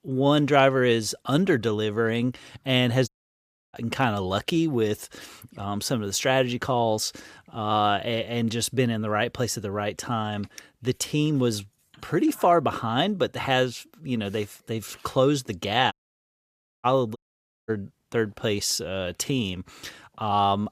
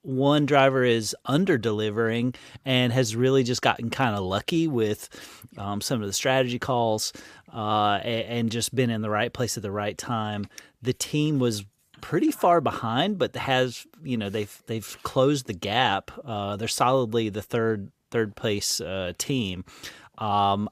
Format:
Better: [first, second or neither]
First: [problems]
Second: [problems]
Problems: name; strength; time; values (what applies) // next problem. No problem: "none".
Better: second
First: audio cutting out; at 3 s for 0.5 s, at 16 s for 1 s and at 17 s for 0.5 s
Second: none